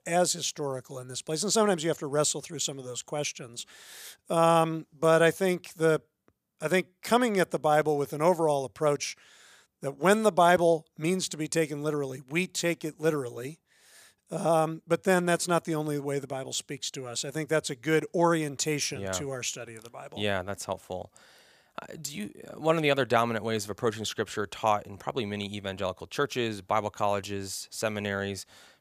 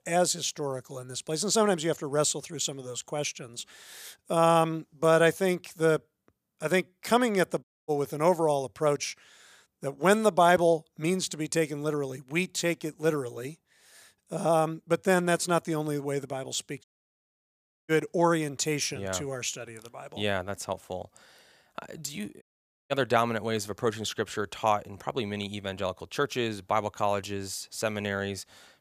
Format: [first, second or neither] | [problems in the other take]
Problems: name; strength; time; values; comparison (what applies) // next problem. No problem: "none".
first | audio cutting out; at 7.5 s, at 17 s for 1 s and at 22 s